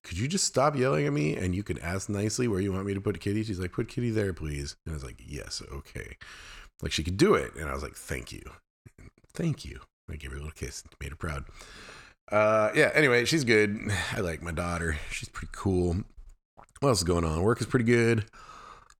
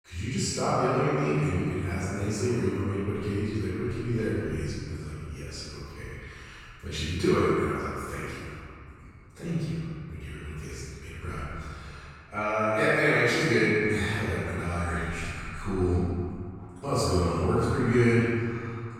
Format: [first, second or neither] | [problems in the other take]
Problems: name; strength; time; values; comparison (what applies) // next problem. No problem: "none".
first | off-mic speech; far // room echo; strong; dies away in 2.2 s